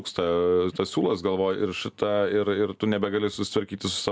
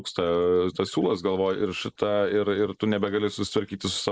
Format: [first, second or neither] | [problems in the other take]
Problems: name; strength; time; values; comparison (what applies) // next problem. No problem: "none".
first | noise reduction (neural mask model Resemble Enhance denoiser)